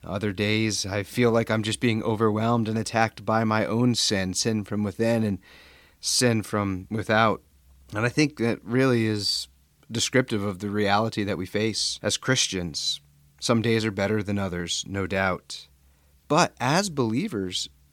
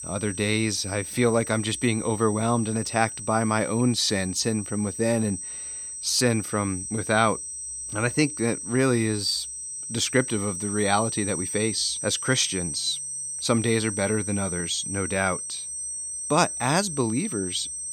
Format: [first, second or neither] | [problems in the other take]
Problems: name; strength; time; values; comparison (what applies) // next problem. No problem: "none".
first | high-pitched whine; loud; throughout; 8 kHz, 6 dB below the speech